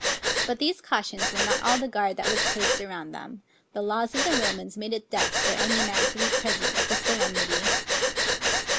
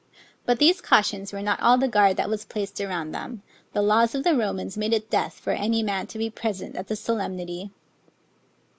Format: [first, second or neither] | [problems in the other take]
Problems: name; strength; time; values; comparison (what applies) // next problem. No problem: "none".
second | background sound (Breathing); 4 dB above the speech